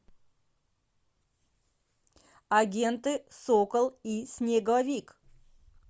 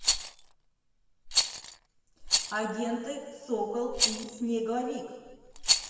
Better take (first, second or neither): first